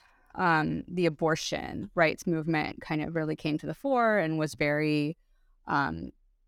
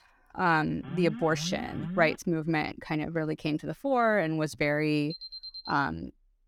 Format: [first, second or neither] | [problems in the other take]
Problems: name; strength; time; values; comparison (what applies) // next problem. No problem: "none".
first | alarm; noticeable; from 1 to 2 s; peak 9 dB below the speech // alarm; faint; at 5 s; peak 10 dB below the speech